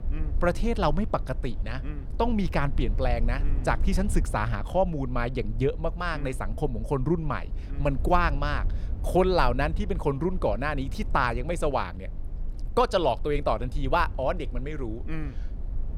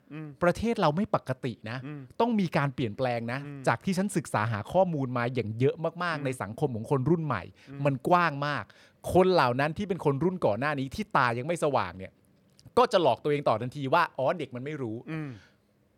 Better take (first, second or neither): second